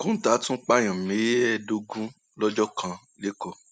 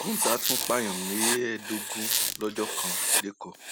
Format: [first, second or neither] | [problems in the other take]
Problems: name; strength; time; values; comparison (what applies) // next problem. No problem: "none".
first | background sound (Squeak + Writing); 2 dB above the speech